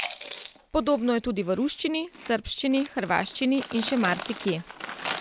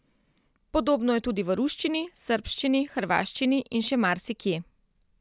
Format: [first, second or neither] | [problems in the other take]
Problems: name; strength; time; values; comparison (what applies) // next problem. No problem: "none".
second | background sound (Chewing, mastication); 12 dB below the speech